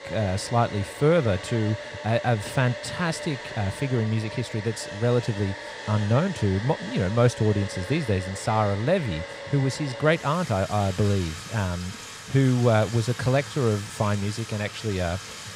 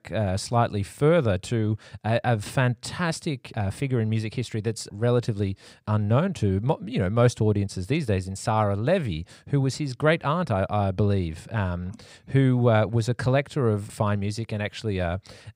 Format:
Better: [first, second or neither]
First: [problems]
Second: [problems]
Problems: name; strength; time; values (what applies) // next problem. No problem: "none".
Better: second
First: household noises; noticeable; throughout; 10 dB below the speech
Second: none